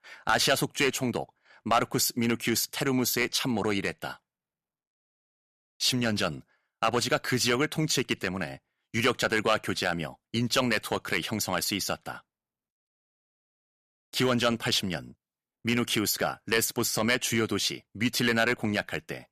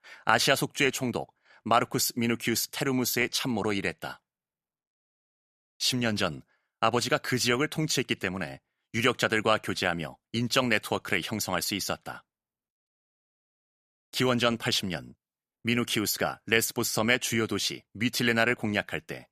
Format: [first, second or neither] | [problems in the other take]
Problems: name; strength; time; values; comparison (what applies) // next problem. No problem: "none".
second | distortion; slight; 1.1% of the sound clipped